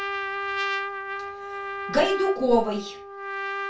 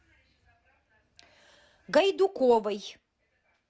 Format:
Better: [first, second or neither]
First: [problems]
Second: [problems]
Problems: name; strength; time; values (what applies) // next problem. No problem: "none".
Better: second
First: background sound (Trumpet); 4 dB below the speech // room echo; dies away in 0.2 s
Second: none